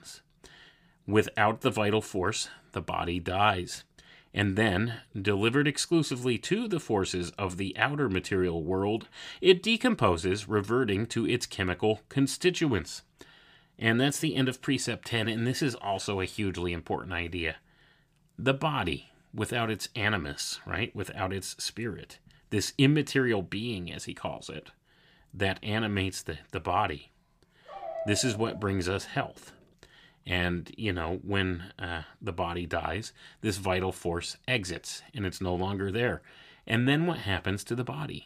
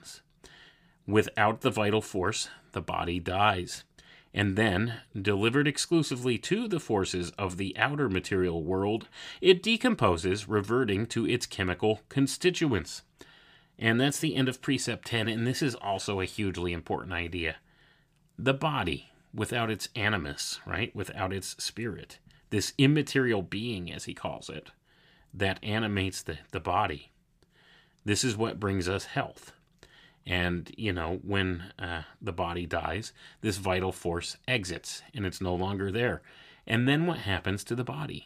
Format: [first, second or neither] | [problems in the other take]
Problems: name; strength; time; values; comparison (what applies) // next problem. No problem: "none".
second | dog barking; noticeable; from 28 to 29 s; peak 8 dB below the speech